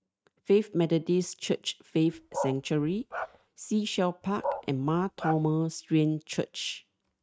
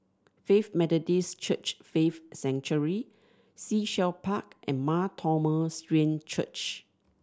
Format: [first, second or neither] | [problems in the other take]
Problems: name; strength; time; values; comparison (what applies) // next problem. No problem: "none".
second | noise reduction (neural mask model RNNoise)